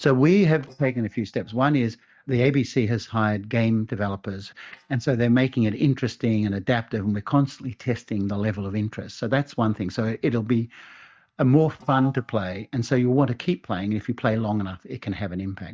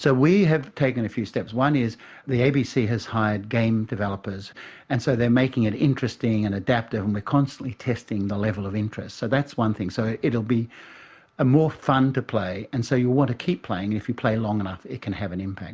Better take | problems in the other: second | noise reduction (neural mask model DeepFilterNet 3)

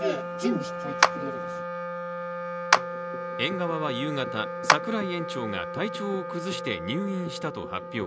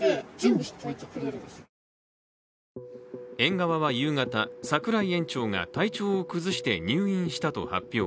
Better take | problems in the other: second | background sound (Wind instrument, woodwind instrument + Clapping); 2 dB above the speech

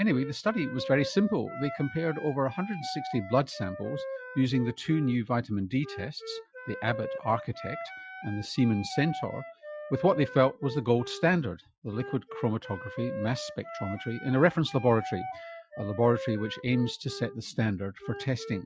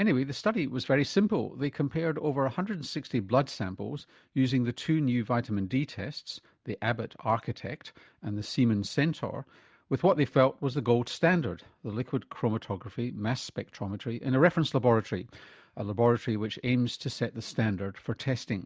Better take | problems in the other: second | noise reduction (classical method Wiener filter)

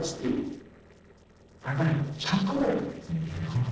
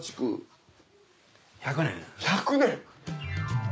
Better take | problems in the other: second | noise reduction (neural separator model SepFormer DNS4)

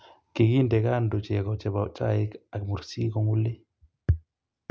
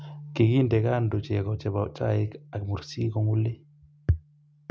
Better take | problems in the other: first | background sound (Bass guitar); 20 dB below the speech

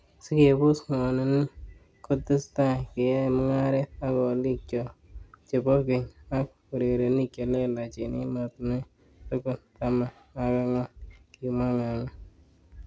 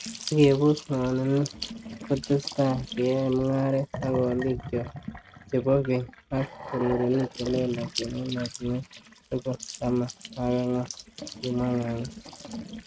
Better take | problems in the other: first | noise reduction (neural mask model RNNoise)

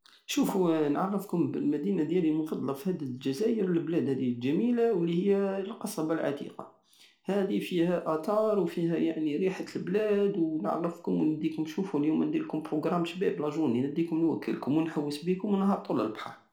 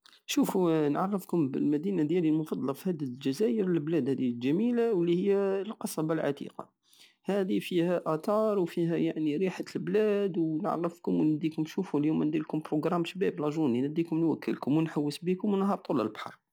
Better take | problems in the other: second | room echo; dies away in 0.4 s

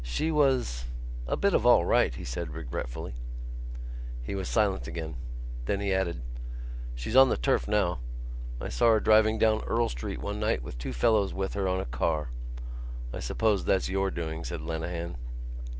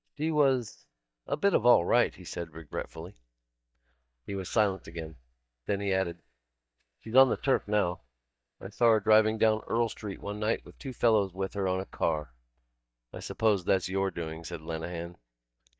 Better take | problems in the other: first | noise reduction (neural mask model DeepFilterNet 3)

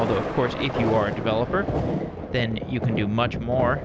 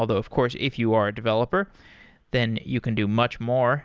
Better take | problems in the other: second | background sound (Thunder); 3 dB below the speech

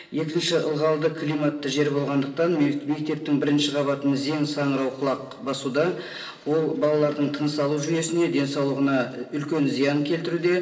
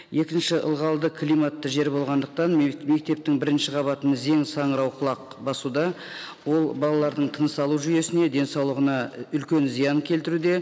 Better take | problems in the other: second | room echo; dies away in 0.7 s

